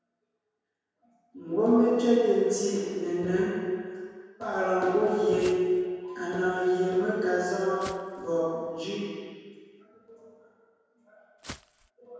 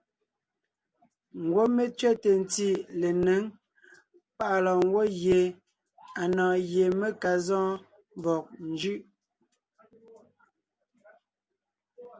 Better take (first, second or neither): second